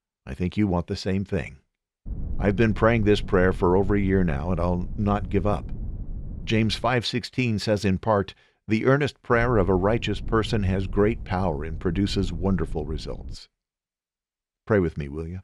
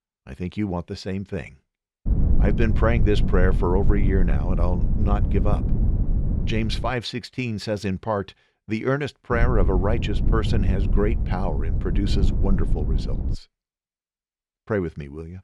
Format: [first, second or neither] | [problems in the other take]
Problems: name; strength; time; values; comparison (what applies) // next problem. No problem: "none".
first | low rumble; loud; from 2 to 7 s and from 9.5 to 13 s; 9 dB below the speech; faint in the first